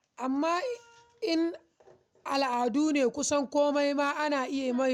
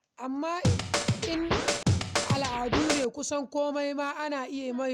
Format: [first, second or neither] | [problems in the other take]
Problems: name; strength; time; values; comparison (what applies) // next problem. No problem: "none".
first | background sound (Scratching (performance technique)); 4 dB above the speech